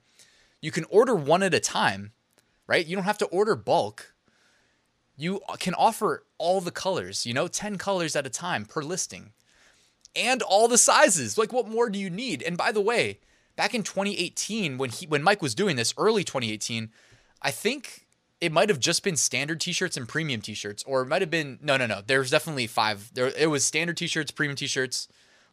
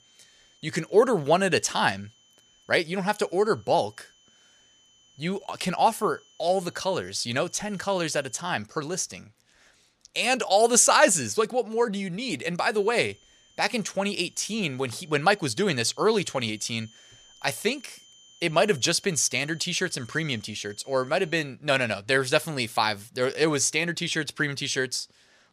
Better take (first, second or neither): first